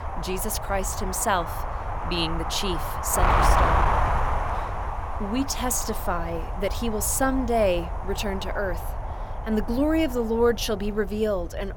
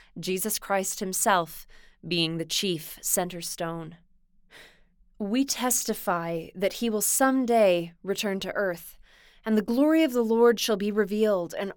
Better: second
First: wind noise on the microphone; heavy; 1 dB below the speech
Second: none

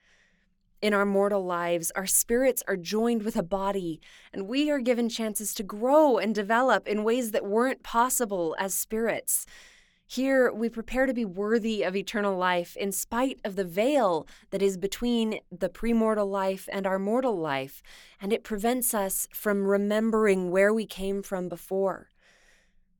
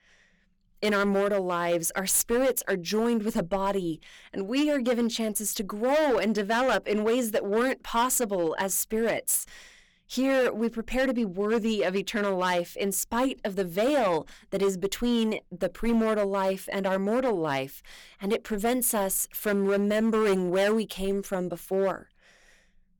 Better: first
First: none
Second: distortion; slight; 9% of the sound clipped

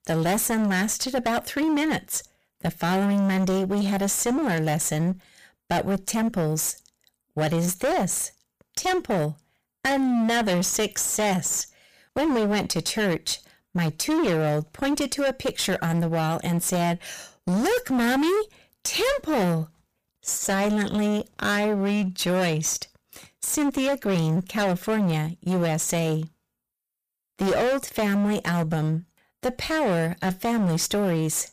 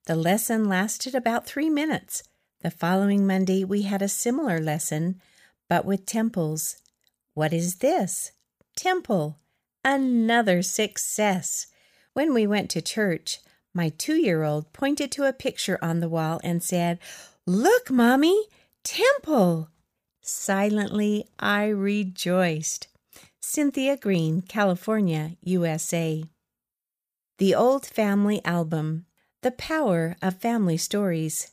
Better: second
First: distortion; heavy; 24% of the sound clipped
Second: none

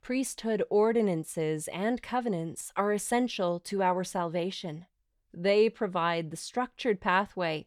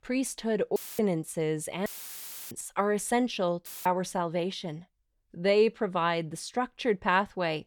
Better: first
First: none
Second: audio cutting out; filled with static; at 1 s, at 2 s for 0.5 s and at 3.5 s

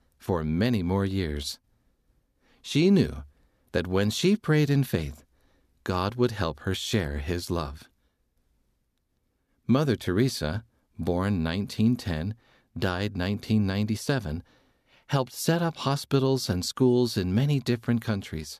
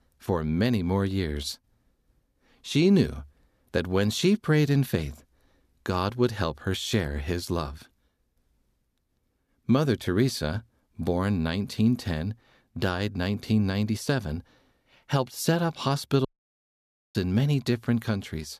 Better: first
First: none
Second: audio cutting out; at 16 s for 1 s

